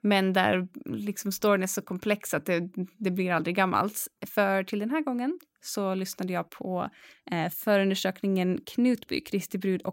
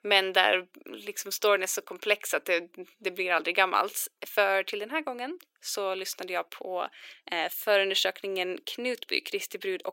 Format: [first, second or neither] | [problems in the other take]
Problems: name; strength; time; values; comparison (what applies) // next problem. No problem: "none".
first | thin; very; fading below 400 Hz